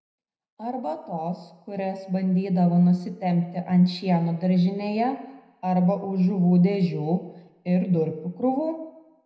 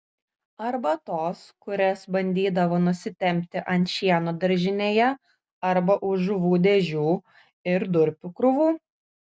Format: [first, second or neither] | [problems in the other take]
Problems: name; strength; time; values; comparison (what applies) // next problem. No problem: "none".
second | room echo; dies away in 0.8 s